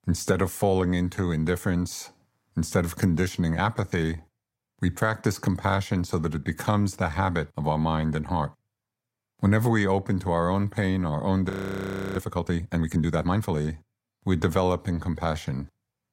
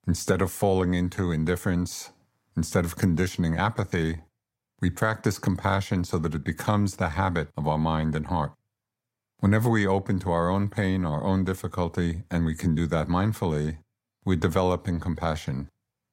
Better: second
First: audio freezing; at 12 s for 0.5 s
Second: none

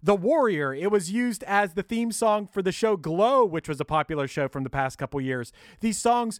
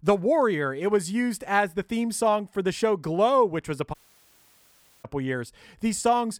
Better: first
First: none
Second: audio cutting out; at 4 s for 1 s

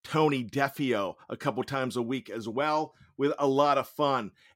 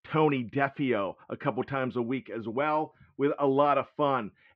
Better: first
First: none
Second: muffled; very; fading above 2.5 kHz

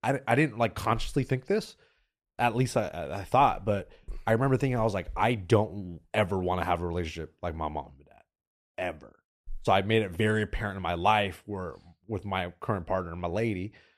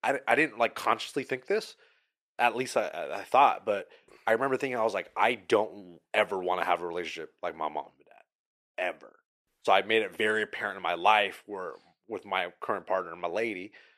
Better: first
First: none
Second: thin; somewhat; fading below 400 Hz

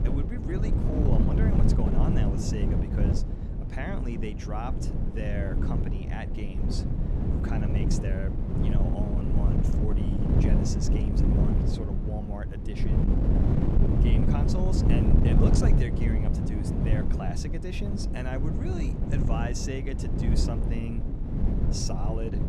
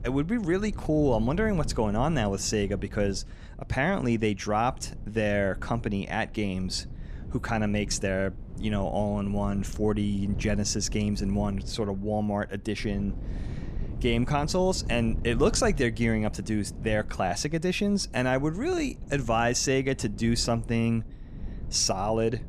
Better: second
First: wind noise on the microphone; heavy; 2 dB above the speech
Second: wind noise on the microphone; occasional gusts; 20 dB below the speech

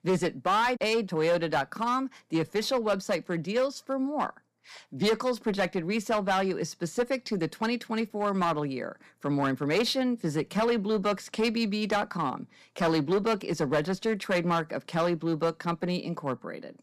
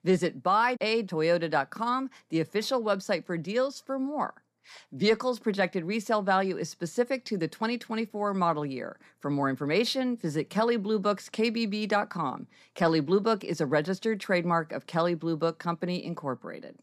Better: second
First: distortion; slight; 7% of the sound clipped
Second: none

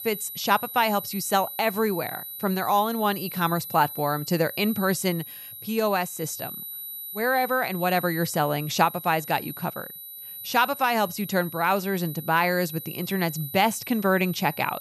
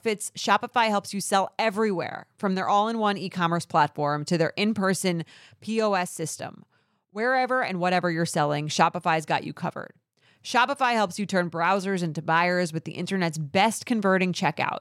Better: second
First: high-pitched whine; noticeable; throughout; 12 kHz, 10 dB below the speech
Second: none

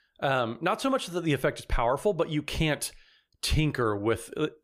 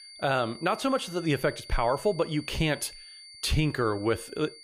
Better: first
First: none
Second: high-pitched whine; noticeable; throughout; 4.5 kHz, 15 dB below the speech

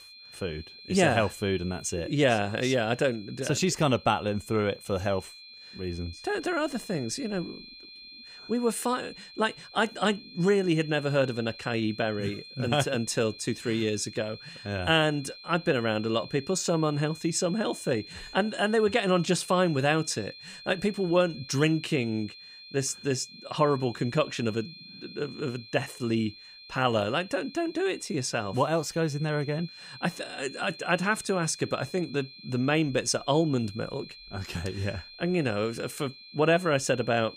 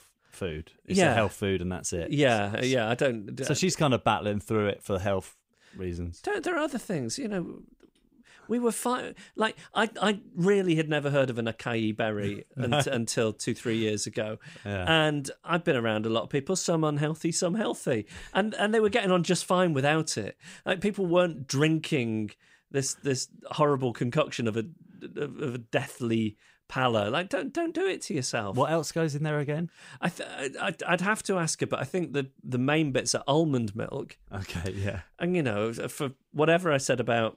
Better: second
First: high-pitched whine; noticeable; throughout; 4 kHz, 15 dB below the speech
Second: none

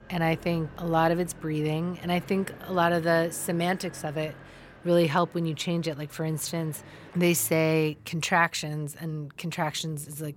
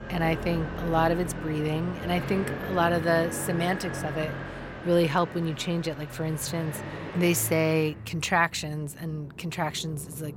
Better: first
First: traffic noise; faint; throughout; 20 dB below the speech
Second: traffic noise; loud; throughout; 9 dB below the speech

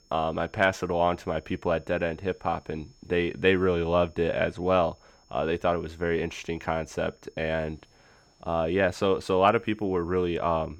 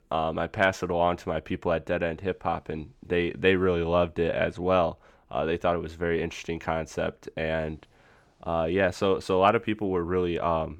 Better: second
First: high-pitched whine; faint; throughout; 5.5 kHz, 35 dB below the speech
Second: none

